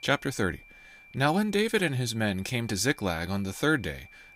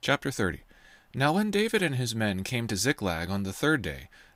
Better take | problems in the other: second | high-pitched whine; faint; throughout; 2.5 kHz, 25 dB below the speech

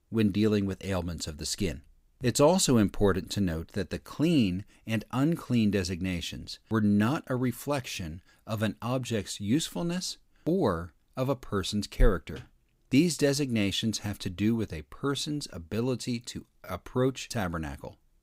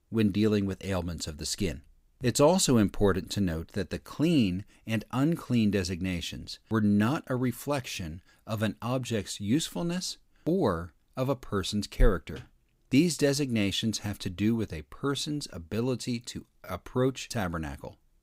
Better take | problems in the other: neither | none

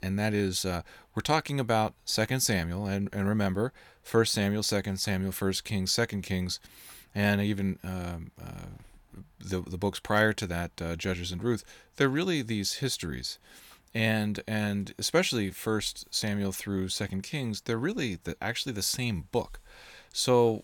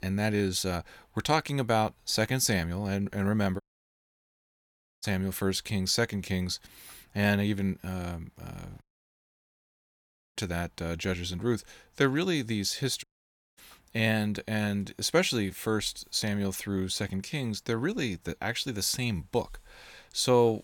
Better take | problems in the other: first | audio cutting out; at 3.5 s for 1.5 s, at 9 s for 1.5 s and at 13 s for 0.5 s

